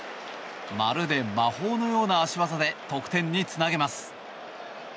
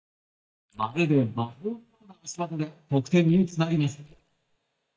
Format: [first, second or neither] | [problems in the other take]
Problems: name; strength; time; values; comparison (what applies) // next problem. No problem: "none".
first | noise reduction (neural mask model DeepFilterNet 3)